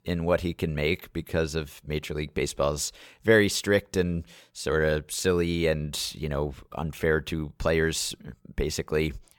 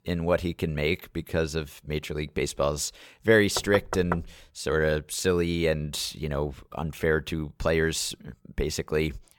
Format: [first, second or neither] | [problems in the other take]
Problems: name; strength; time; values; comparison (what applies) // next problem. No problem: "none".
first | door banging; noticeable; at 3.5 s; peak 6 dB below the speech